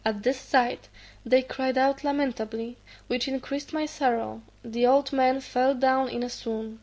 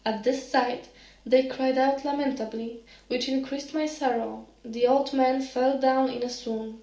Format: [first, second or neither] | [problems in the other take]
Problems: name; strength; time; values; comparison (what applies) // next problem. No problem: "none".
first | room echo; dies away in 0.4 s